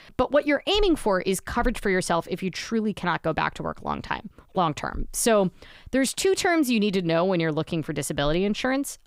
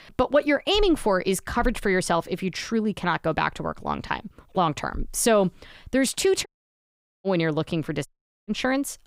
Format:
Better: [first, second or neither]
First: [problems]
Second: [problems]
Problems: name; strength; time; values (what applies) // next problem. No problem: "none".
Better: first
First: none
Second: audio cutting out; at 6.5 s for 1 s and at 8 s